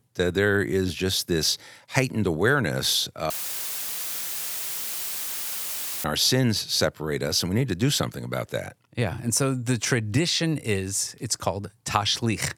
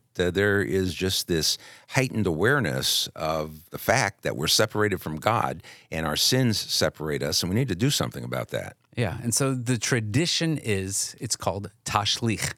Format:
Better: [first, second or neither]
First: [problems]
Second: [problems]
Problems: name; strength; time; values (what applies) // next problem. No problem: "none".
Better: second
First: audio cutting out; filled with static; at 3.5 s for 2.5 s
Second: none